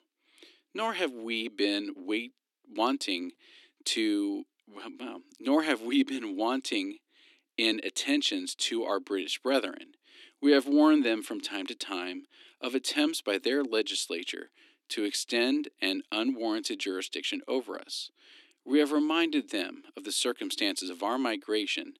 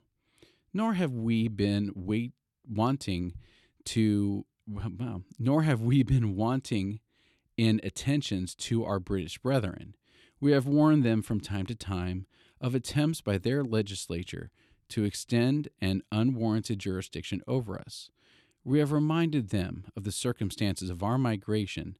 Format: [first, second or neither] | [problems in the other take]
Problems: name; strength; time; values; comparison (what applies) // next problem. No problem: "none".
second | thin; very slightly; fading below 250 Hz